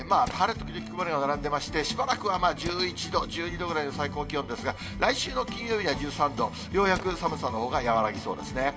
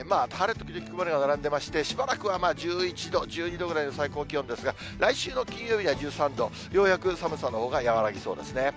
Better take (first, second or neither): second